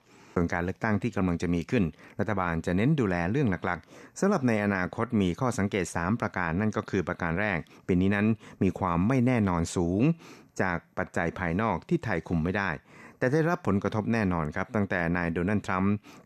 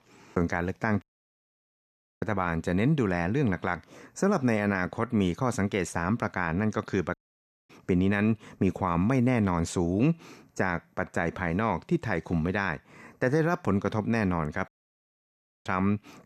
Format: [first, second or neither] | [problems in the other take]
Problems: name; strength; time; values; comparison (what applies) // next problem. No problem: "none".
first | audio cutting out; at 1 s for 1 s, at 7 s for 0.5 s and at 15 s for 1 s